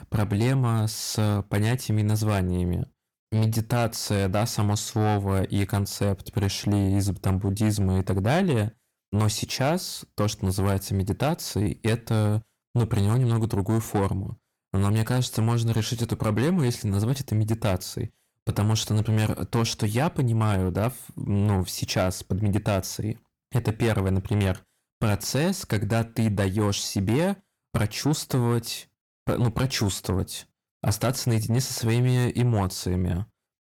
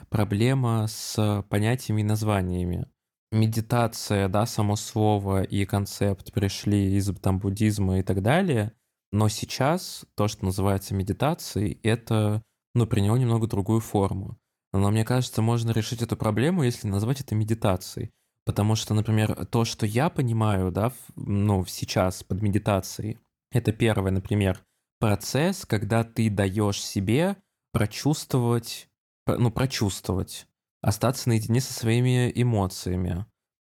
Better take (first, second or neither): second